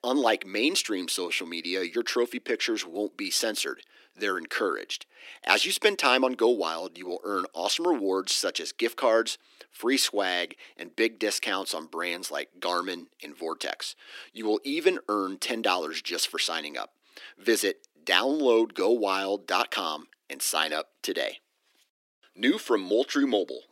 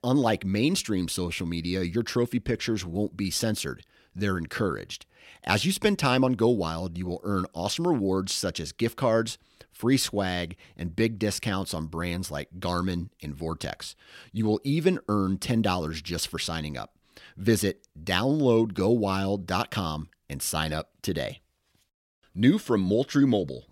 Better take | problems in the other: second | thin; somewhat; fading below 300 Hz

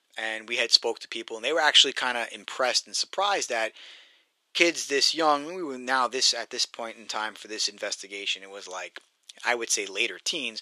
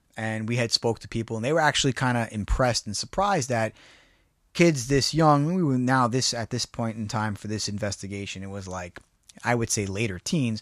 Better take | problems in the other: second | thin; very; fading below 350 Hz

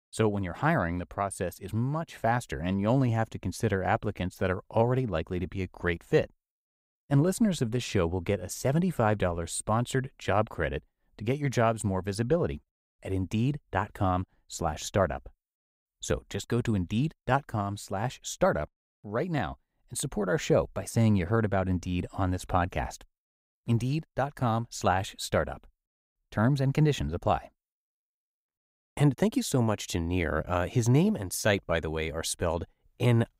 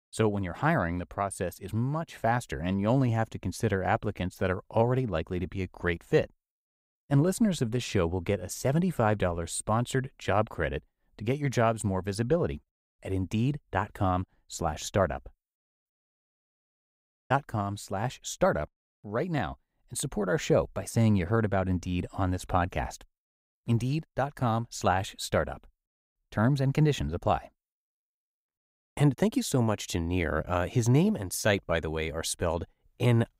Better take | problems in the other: first | audio cutting out; at 16 s for 1.5 s

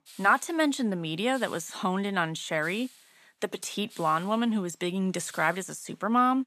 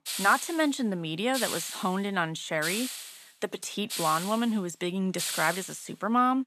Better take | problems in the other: first | hiss; loud; throughout; 6 dB below the speech; faint in the first

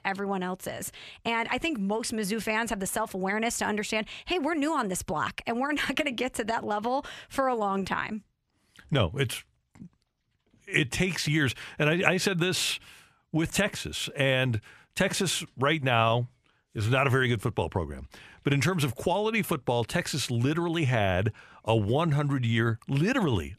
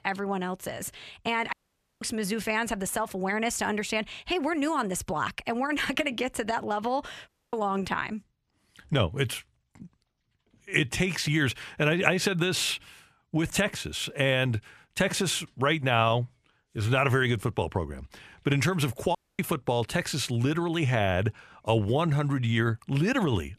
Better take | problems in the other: first | audio cutting out; at 1.5 s, at 7.5 s and at 19 s

